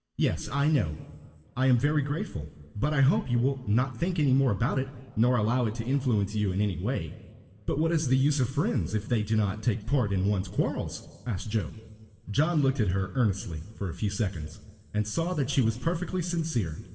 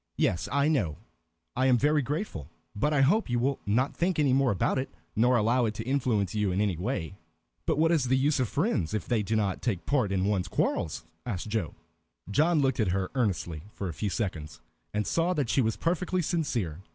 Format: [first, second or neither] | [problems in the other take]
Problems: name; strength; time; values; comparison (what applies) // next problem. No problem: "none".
second | room echo; dies away in 1.4 s